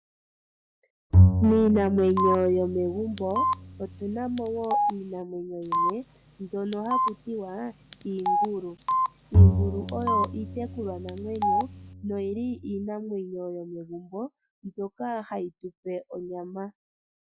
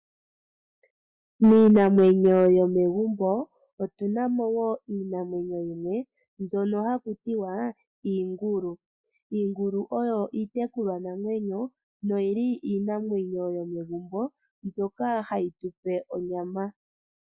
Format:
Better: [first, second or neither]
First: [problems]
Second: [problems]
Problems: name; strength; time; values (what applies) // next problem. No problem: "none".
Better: second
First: background sound (Bowed string instrument + Telephone); 4 dB above the speech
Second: none